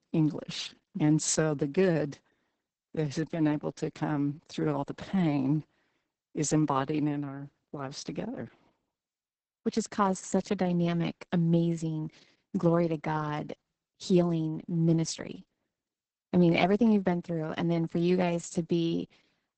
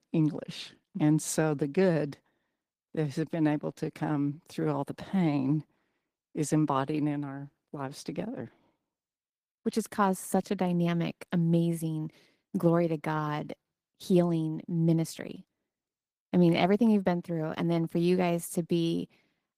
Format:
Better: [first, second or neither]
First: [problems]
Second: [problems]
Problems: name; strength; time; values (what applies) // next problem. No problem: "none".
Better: second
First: garbled, watery; badly; nothing above 8 kHz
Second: garbled, watery; slightly; nothing above 15 kHz